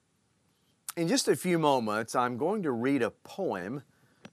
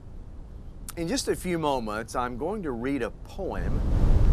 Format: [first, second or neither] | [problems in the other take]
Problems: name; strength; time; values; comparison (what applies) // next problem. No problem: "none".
first | wind noise on the microphone; occasional gusts; 15 dB below the speech